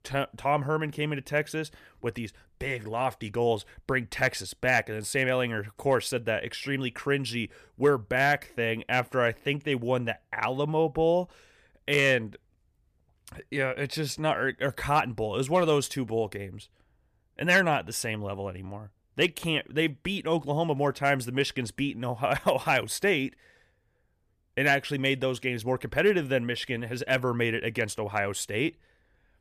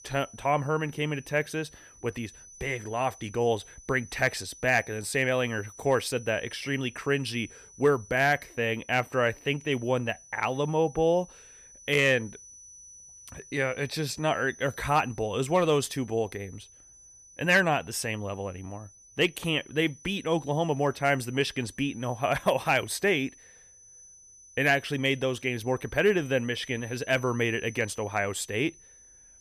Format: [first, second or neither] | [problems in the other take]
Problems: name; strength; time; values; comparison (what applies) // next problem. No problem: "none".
first | high-pitched whine; faint; throughout; 6 kHz, 20 dB below the speech